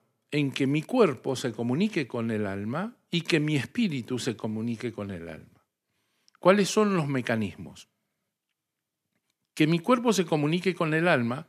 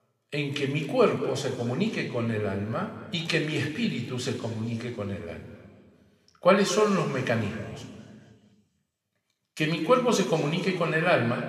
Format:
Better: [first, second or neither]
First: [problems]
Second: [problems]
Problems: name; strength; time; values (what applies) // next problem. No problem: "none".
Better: first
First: none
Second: room echo; slight; dies away in 1.9 s